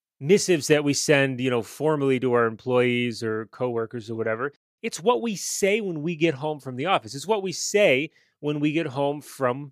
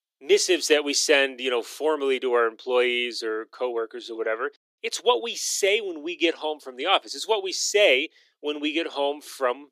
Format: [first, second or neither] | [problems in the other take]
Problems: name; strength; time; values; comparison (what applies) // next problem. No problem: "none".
first | thin; somewhat; fading below 300 Hz